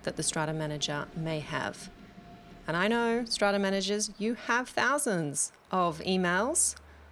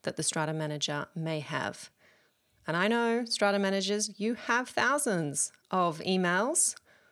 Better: second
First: train or aircraft noise; faint; throughout; 25 dB below the speech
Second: none

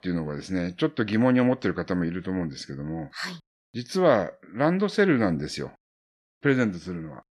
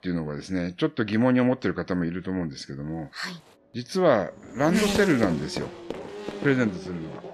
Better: first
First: none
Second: traffic noise; loud; throughout; 5 dB below the speech

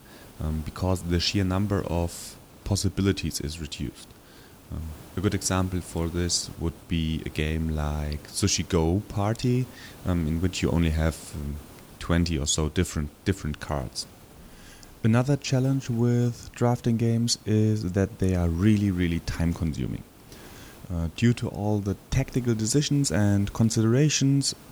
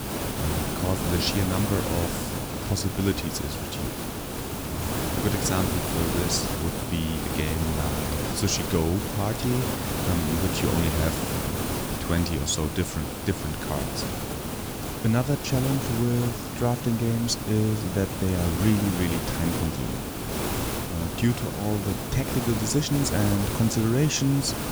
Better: first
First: hiss; faint; throughout; 20 dB below the speech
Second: hiss; loud; throughout; 2 dB below the speech

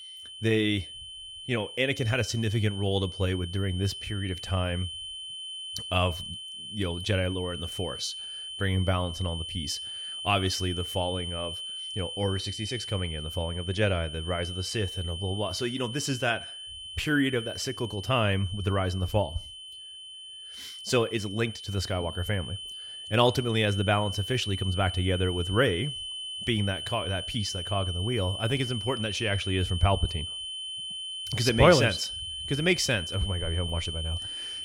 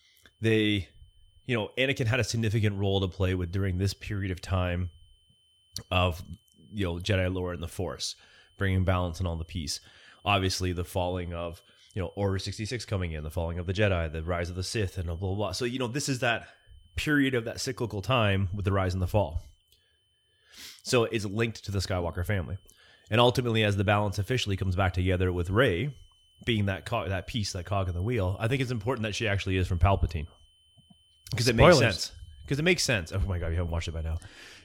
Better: second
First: high-pitched whine; loud; throughout; 3 kHz, 7 dB below the speech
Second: high-pitched whine; faint; throughout; 3 kHz, 35 dB below the speech

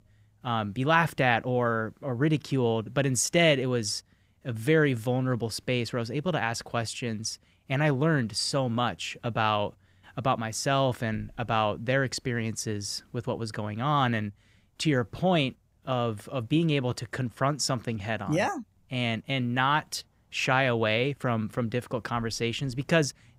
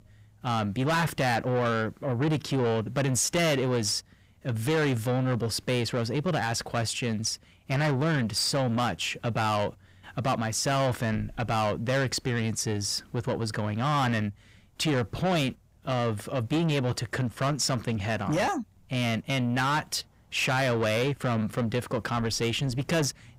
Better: first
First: none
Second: distortion; heavy; 8 dB below the speech

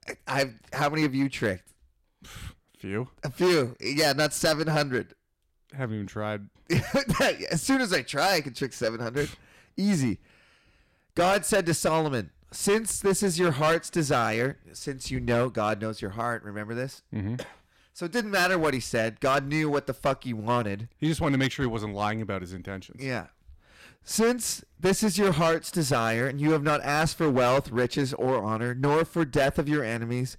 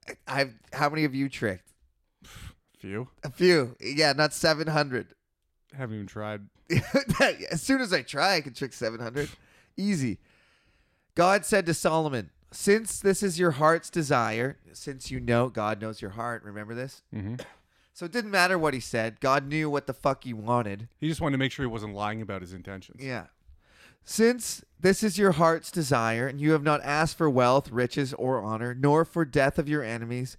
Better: second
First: distortion; heavy; 7% of the sound clipped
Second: none

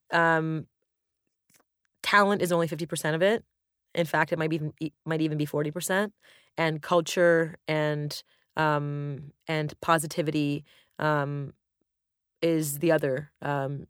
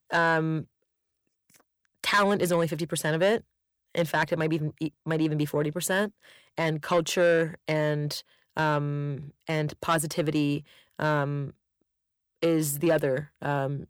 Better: first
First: none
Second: distortion; slight; 10 dB below the speech

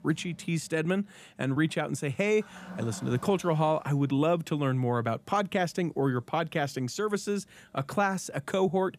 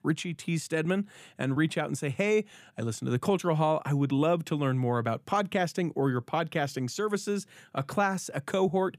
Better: second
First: household noises; noticeable; throughout; 20 dB below the speech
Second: none

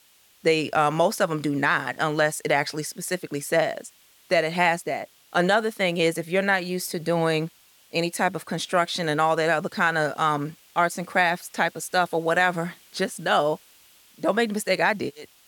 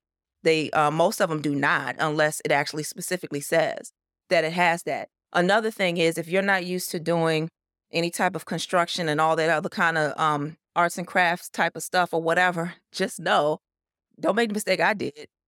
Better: second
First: hiss; faint; throughout; 30 dB below the speech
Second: none

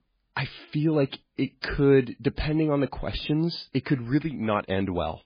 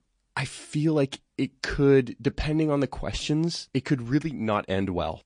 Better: second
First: garbled, watery; badly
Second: garbled, watery; slightly

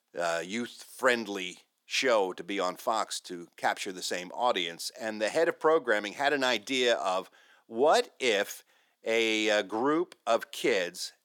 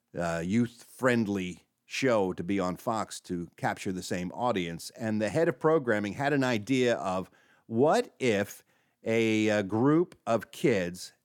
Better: second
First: thin; somewhat; fading below 450 Hz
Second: none

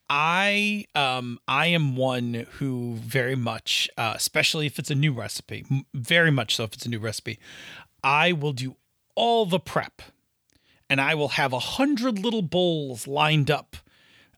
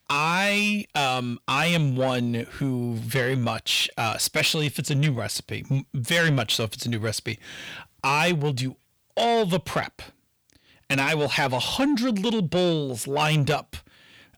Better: first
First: none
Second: distortion; slight; 10 dB below the speech

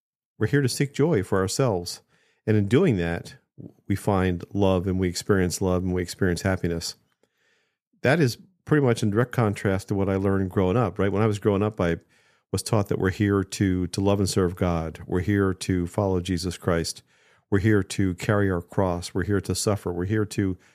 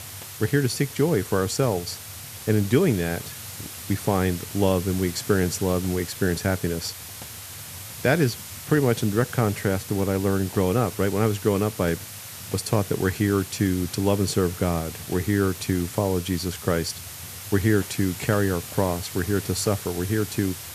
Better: first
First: none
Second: hiss; noticeable; throughout; 10 dB below the speech

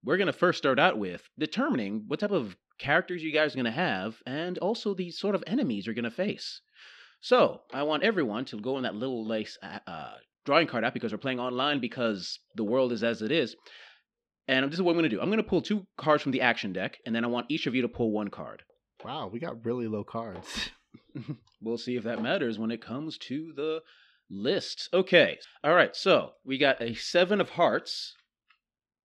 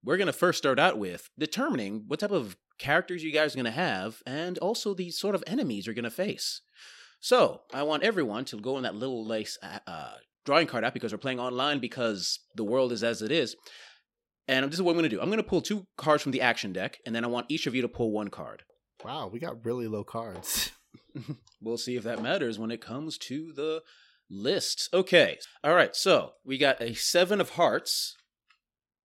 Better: second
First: muffled; very slightly; fading above 3 kHz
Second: none

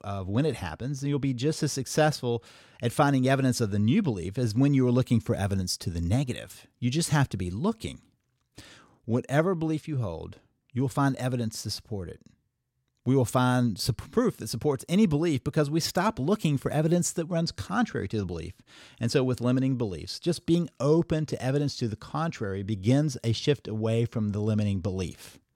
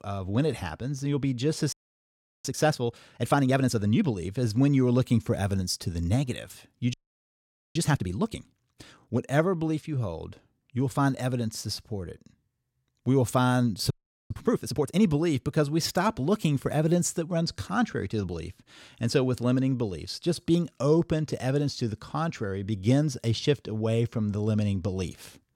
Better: first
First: none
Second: audio freezing; at 1.5 s for 0.5 s, at 7 s for 1 s and at 14 s

